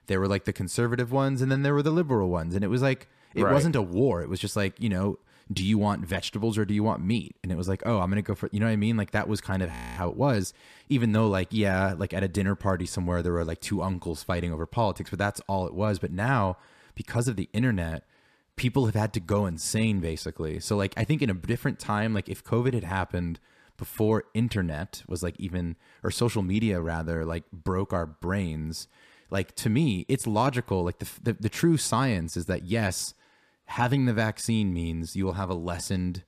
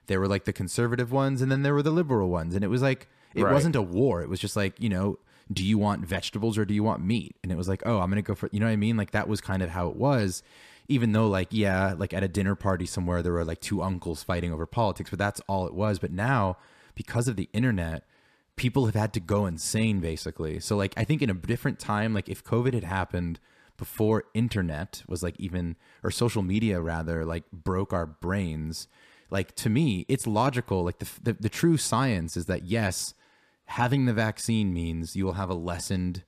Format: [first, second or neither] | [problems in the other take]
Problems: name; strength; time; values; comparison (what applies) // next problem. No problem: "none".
second | audio freezing; at 9.5 s